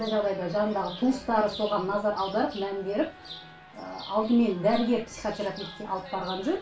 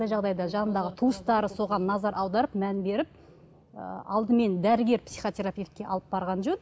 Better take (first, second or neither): second